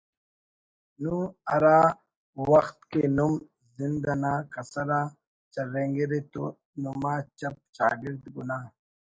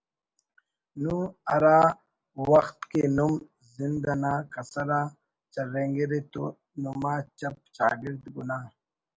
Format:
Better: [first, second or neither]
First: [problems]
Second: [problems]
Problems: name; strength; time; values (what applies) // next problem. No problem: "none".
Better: second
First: noise reduction (neural mask model DeepFilterNet 3)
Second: none